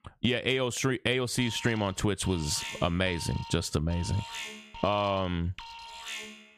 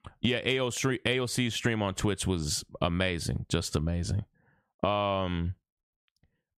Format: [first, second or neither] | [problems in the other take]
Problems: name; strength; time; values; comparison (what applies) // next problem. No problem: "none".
second | alarm; noticeable; from 1.5 s on; peak 8 dB below the speech